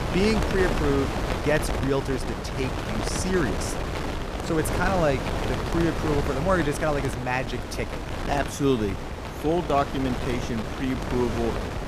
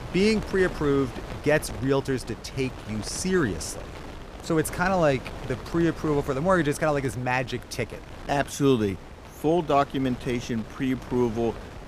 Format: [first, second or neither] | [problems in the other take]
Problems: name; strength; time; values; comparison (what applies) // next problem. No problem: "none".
second | wind noise on the microphone; heavy; 3 dB below the speech; occasional gusts in the second